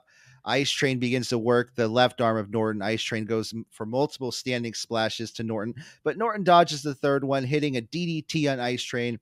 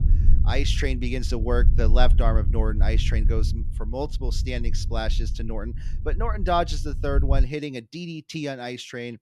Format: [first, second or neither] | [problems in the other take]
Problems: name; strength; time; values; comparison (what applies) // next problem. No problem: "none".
first | low rumble; noticeable; until 7.5 s; 15 dB below the speech